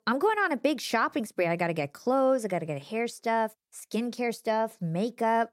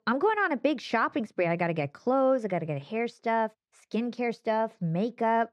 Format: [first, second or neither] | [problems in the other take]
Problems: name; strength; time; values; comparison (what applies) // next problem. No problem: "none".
first | muffled; very slightly; fading above 3.5 kHz